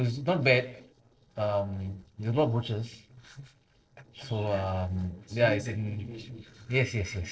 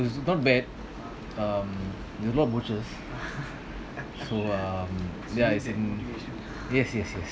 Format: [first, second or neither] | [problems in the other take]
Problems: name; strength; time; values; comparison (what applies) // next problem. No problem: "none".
second | noise reduction (neural separator model SepFormer DNS4)